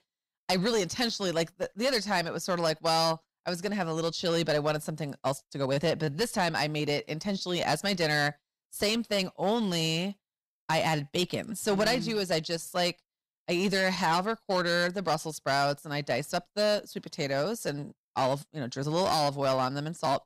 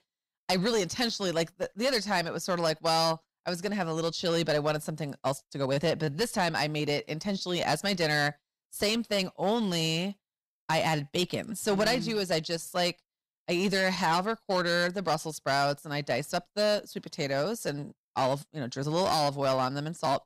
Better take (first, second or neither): neither